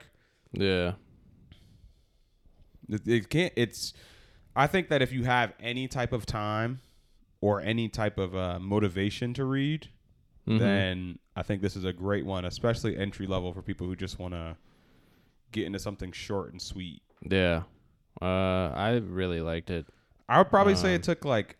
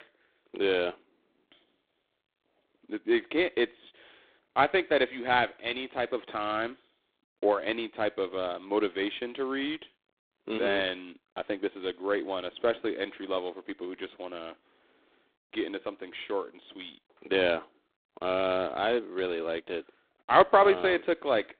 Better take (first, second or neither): first